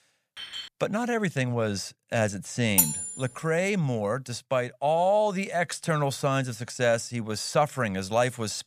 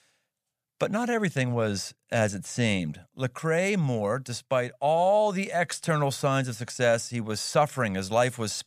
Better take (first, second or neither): second